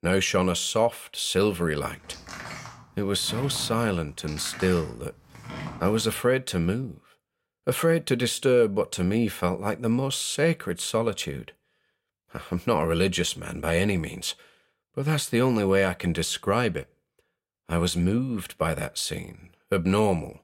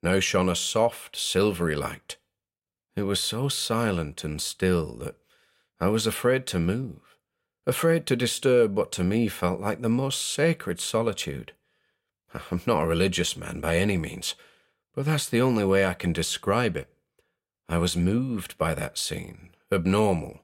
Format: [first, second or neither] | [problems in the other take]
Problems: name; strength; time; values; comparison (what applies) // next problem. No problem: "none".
second | door banging; faint; from 2 to 6 s; peak 10 dB below the speech